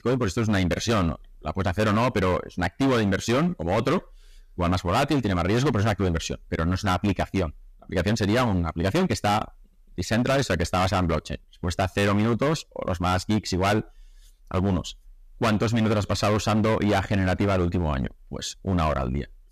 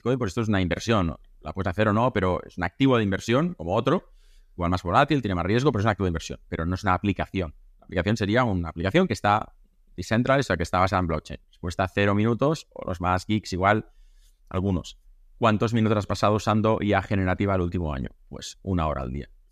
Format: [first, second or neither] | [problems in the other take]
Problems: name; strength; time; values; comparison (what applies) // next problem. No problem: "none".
second | distortion; heavy; 16% of the sound clipped